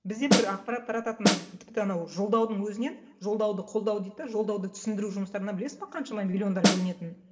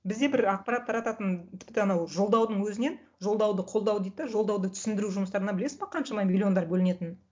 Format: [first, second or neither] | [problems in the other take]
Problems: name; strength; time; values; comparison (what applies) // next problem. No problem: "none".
second | background sound (Snare drum); 4 dB above the speech // room echo; dies away in 1.4 s